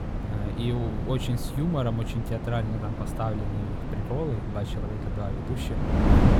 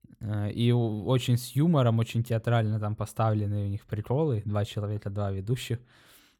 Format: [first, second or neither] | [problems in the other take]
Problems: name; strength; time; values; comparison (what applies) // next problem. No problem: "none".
second | wind noise on the microphone; heavy; as loud as the speech